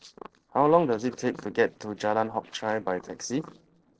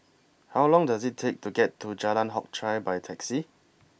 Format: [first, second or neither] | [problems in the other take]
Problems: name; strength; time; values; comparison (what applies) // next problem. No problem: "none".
second | noise reduction (neural separator model SepFormer DNS4)